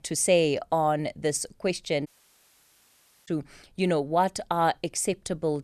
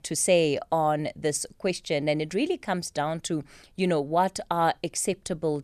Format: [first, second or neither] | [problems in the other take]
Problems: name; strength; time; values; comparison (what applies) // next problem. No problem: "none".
second | audio cutting out; at 2 s for 1 s